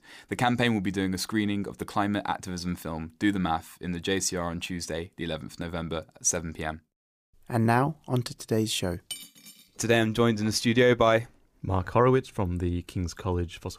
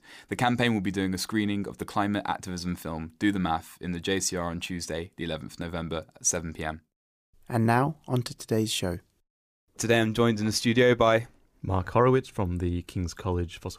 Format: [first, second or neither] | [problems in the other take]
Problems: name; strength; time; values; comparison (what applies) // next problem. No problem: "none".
second | clattering dishes; faint; at 9 s; peak 10 dB below the speech